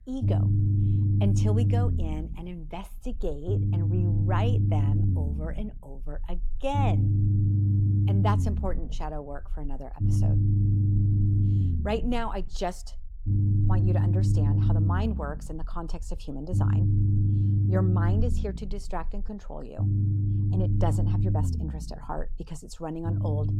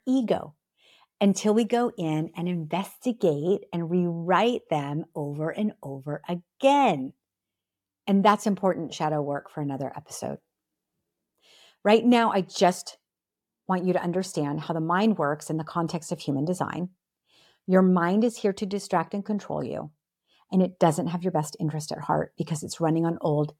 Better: second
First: low rumble; loud; throughout; 2 dB below the speech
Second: none

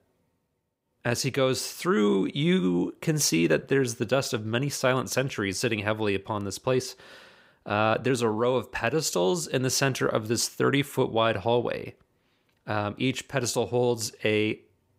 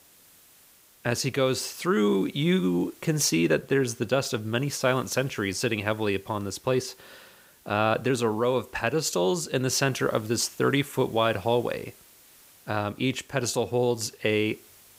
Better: first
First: none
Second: hiss; faint; throughout; 25 dB below the speech

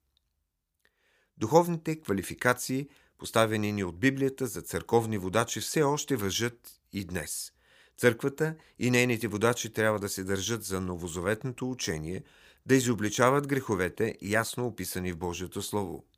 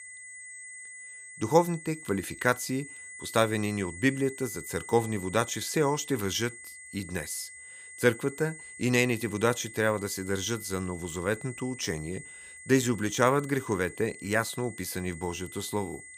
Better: first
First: none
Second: high-pitched whine; noticeable; throughout; 2 kHz, 15 dB below the speech

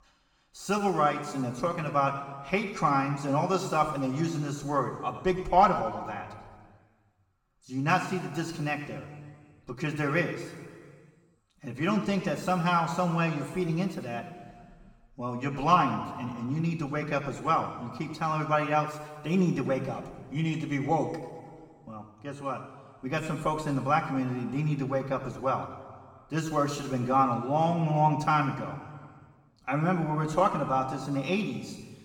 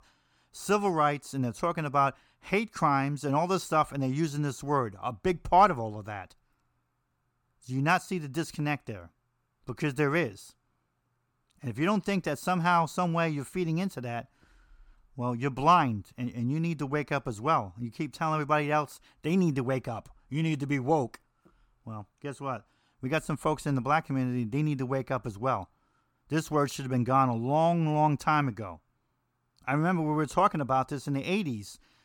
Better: second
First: room echo; noticeable; dies away in 1.7 s // off-mic speech; far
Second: none

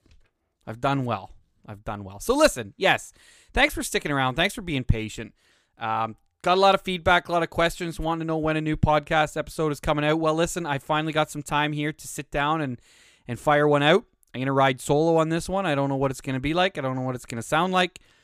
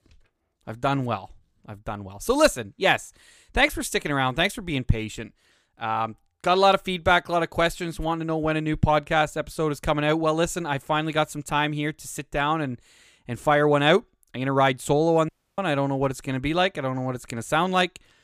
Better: first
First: none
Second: audio cutting out; at 15 s

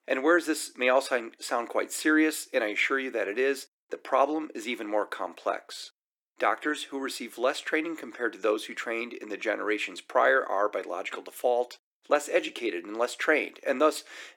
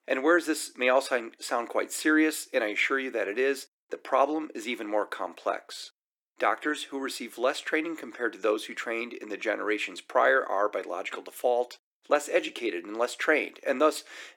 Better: neither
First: thin; very; fading below 300 Hz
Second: thin; very; fading below 300 Hz

